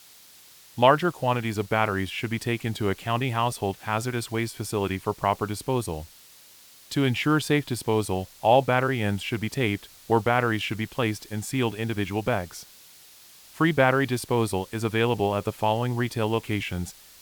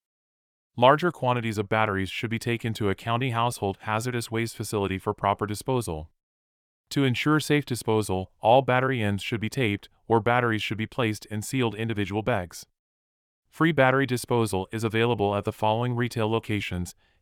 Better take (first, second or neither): second